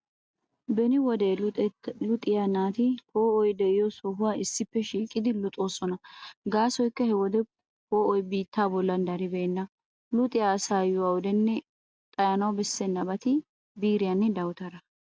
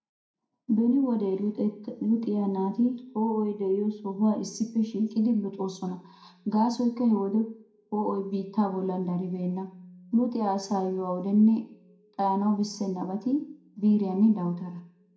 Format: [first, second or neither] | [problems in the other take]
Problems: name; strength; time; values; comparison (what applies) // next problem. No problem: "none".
first | room echo; dies away in 0.5 s